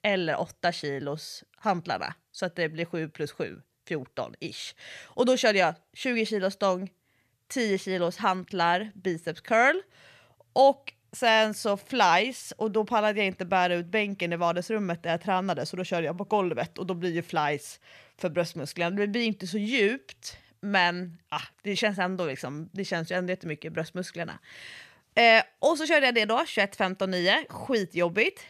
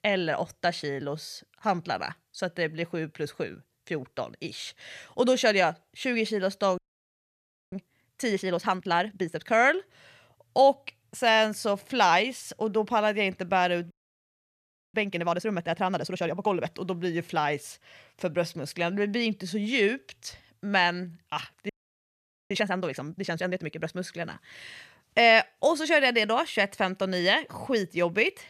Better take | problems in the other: first | audio freezing; at 7 s for 1 s, at 14 s for 1 s and at 22 s for 1 s

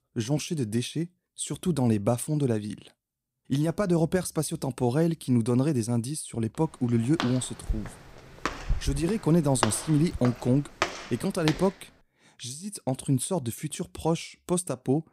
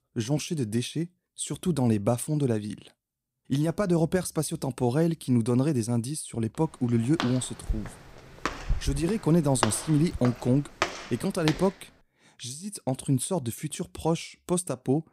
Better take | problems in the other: neither | footsteps; noticeable; from 7 to 12 s; peak 3 dB below the speech; the same in both

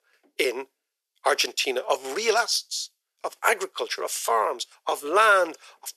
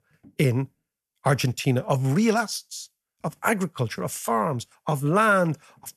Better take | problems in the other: second | thin; very; fading below 350 Hz

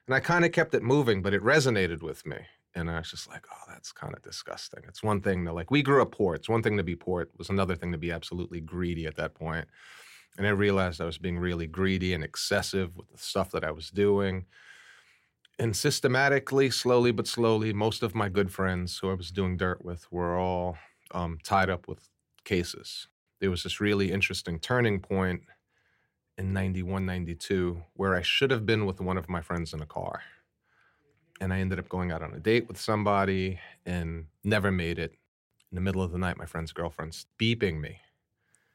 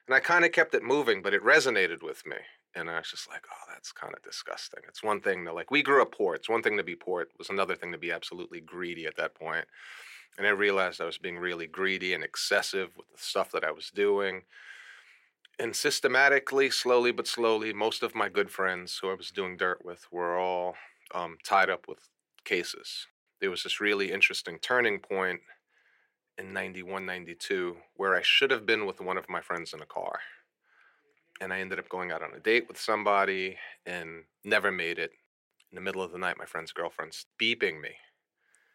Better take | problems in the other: first | thin; very; fading below 400 Hz

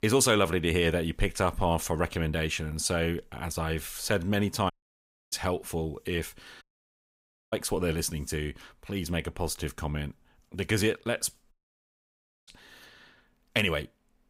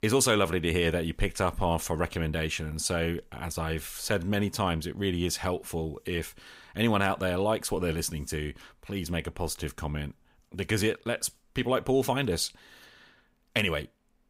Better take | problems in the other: second | audio cutting out; at 4.5 s for 0.5 s, at 6.5 s for 1 s and at 12 s for 1 s

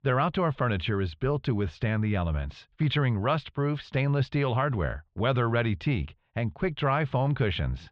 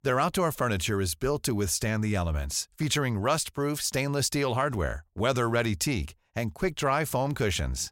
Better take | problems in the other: second | muffled; very; fading above 3.5 kHz

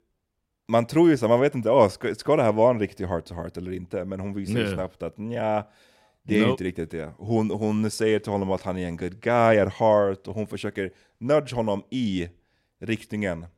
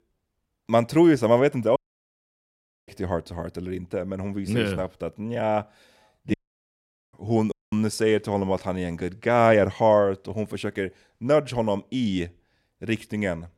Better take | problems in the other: first | audio cutting out; at 2 s for 1 s, at 6.5 s for 1 s and at 7.5 s

